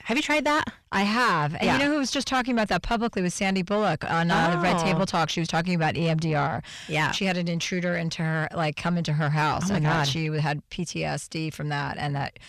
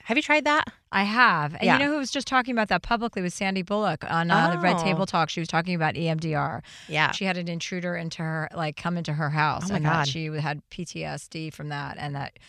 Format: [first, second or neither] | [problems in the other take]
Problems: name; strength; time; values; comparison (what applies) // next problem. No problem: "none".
second | distortion; heavy; 7 dB below the speech